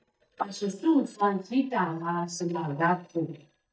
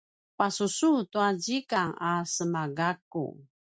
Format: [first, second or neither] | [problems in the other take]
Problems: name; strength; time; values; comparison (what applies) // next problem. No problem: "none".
second | noise reduction (neural mask model DeepFilterNet 3)